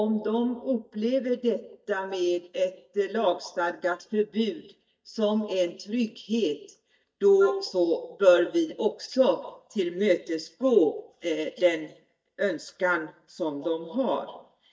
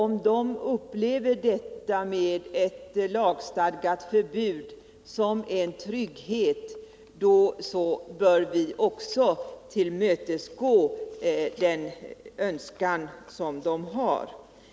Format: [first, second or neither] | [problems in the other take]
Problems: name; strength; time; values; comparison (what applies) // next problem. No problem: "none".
second | noise reduction (neural mask model DeepFilterNet 3)